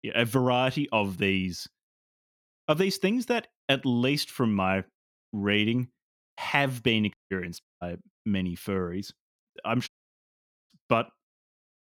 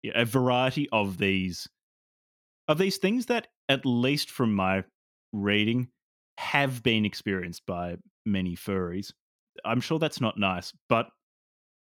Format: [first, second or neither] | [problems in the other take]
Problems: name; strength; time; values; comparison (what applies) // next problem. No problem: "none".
second | audio cutting out; at 7 s, at 7.5 s and at 10 s for 1 s